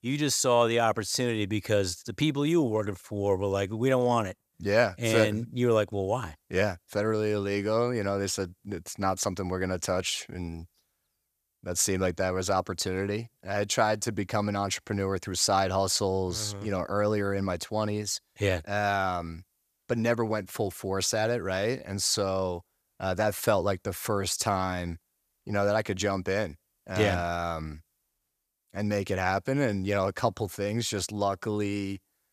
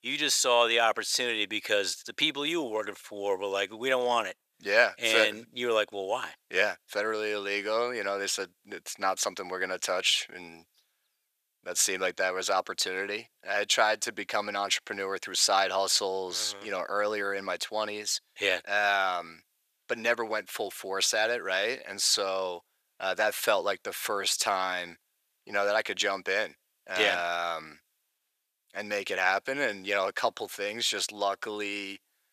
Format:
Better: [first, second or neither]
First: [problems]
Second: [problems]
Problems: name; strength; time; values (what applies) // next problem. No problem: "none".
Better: first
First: none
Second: thin; very; fading below 500 Hz